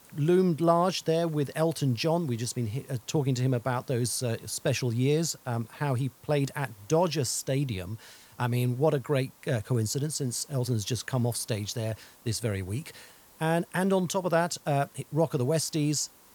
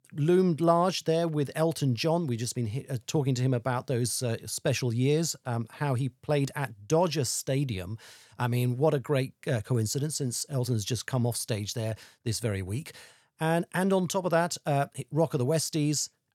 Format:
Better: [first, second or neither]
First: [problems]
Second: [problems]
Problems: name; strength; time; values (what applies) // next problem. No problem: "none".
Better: second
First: hiss; faint; throughout; 25 dB below the speech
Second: none